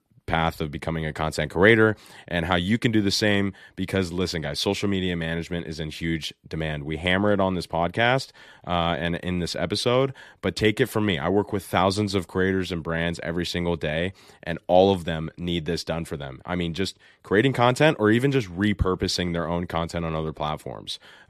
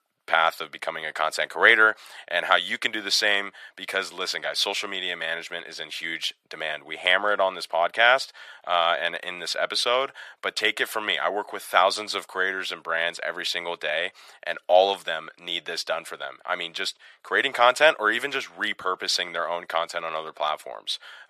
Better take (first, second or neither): first